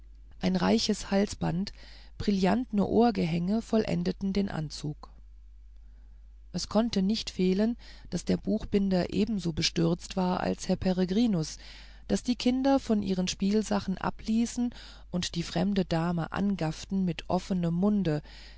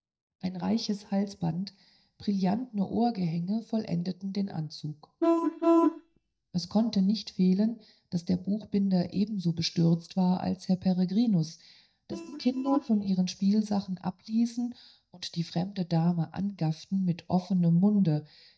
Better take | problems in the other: first | noise reduction (neural mask model DeepFilterNet 3)

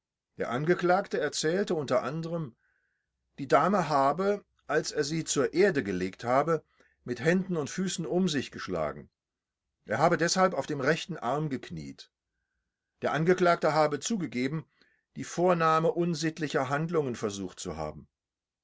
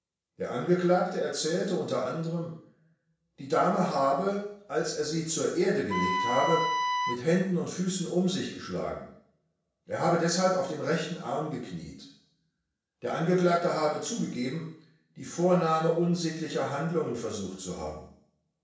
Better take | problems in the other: first | background sound (Wind instrument, woodwind instrument); as loud as the speech // room echo; dies away in 0.7 s

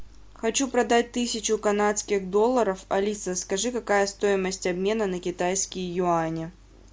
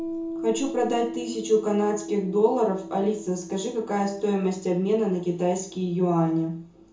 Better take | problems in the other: first | background sound (Piano); 12 dB below the speech // room echo; dies away in 0.6 s

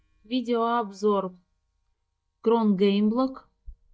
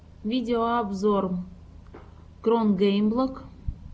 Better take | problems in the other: second | noise reduction (neural mask model DeepFilterNet 3)

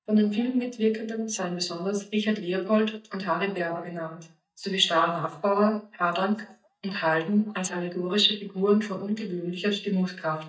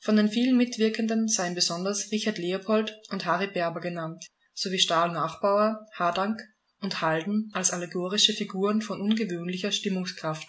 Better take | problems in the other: second | noise reduction (neural mask model DeepFilterNet 3)

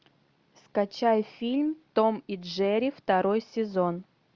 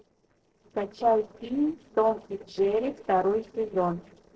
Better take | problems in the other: first | noise reduction (neural separator model SepFormer DNS4)

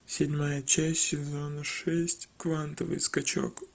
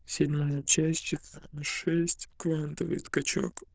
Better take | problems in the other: first | noise reduction (neural diffusion model UNIVERSE++)

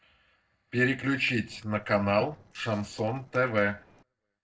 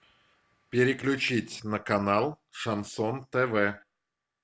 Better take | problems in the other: second | noise reduction (neural separator model SepFormer DNS4)

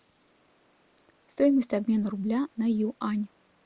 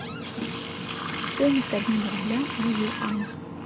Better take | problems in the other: first | background sound (Water tap, faucet); 4 dB below the speech

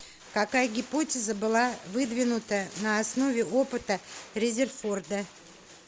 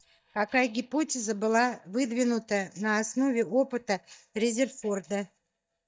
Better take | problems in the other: first | noise reduction (neural mask model DeepFilterNet 3)

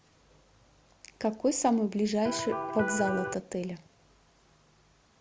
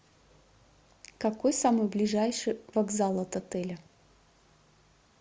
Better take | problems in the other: second | background sound (Electric guitar); 2 dB below the speech

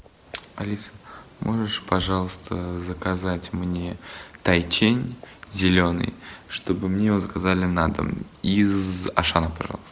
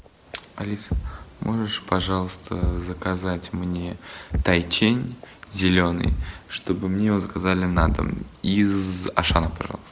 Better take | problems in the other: first | background sound (Thump, thud); 8 dB below the speech

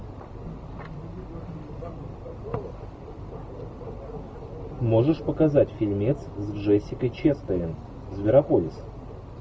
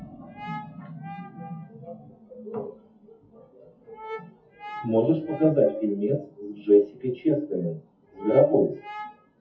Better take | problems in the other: first | noise reduction (classical method WPE with log-MMSE)

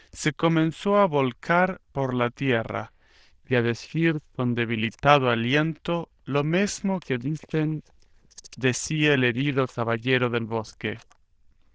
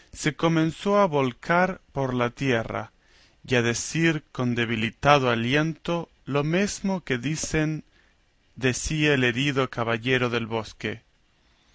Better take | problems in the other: second | noise reduction (neural diffusion model UNIVERSE++)

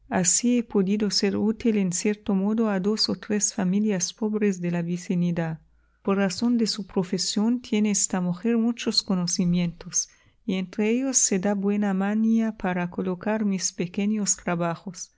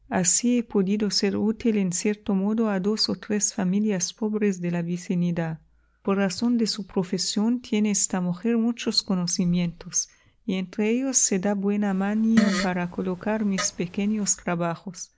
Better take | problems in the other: first | background sound (Fart); 6 dB below the speech

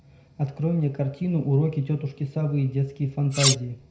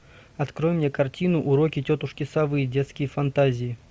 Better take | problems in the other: second | background sound (Cutlery, silverware); 1 dB below the speech // room echo; dies away in 0.5 s

